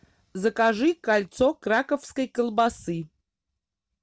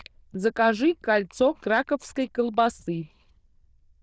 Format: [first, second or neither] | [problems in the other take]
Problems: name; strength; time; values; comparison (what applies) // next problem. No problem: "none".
first | noise reduction (neural diffusion model UNIVERSE++)